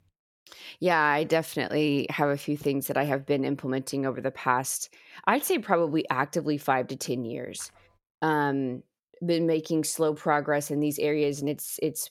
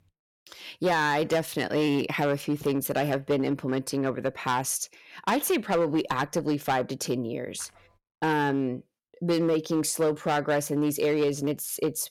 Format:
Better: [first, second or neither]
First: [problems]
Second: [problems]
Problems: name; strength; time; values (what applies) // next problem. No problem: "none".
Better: first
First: none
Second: distortion; slight; 6% of the sound clipped